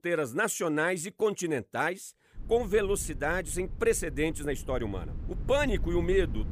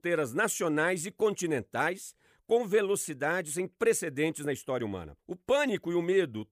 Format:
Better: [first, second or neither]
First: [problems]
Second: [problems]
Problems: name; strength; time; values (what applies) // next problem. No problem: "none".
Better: second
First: low rumble; faint; from 2.5 s on; 25 dB below the speech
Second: none